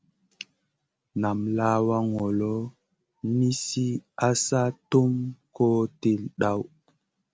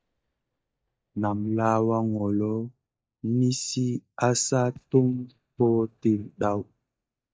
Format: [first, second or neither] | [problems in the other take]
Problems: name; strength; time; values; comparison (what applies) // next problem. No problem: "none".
first | noise reduction (neural mask model DeepFilterNet 3)